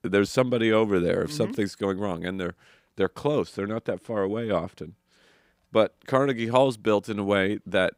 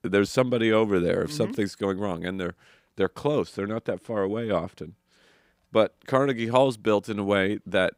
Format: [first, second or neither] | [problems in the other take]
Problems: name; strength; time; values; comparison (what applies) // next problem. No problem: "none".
neither | none